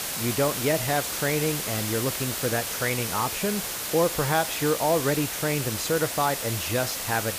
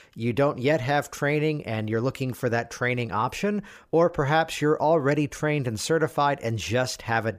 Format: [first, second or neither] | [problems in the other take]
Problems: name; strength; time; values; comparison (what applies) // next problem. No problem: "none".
second | hiss; loud; throughout; 2 dB below the speech